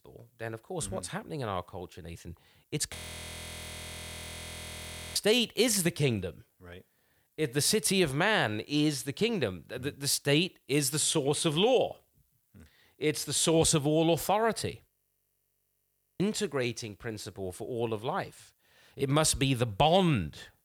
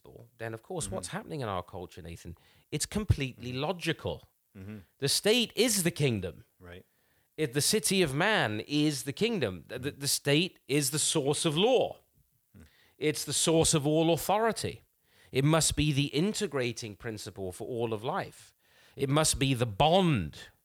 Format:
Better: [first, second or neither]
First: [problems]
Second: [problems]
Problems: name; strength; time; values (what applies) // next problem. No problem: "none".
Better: second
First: audio freezing; at 3 s for 2 s and at 15 s for 1.5 s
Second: none